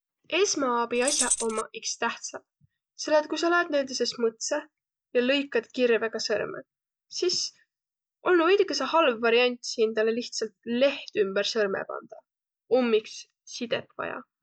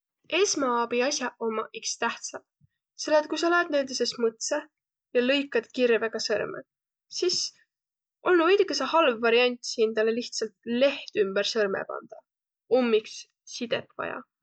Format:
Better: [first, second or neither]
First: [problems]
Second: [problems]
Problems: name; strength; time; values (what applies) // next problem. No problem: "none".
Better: second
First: background sound (Keys jangling); 2 dB below the speech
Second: none